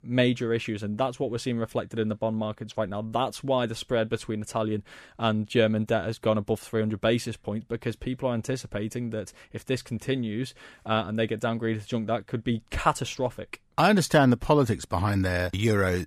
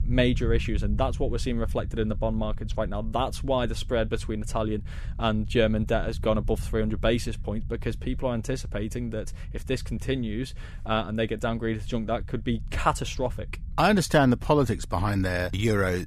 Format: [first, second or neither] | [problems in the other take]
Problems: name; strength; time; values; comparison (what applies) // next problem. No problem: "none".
first | low rumble; faint; throughout; 25 dB below the speech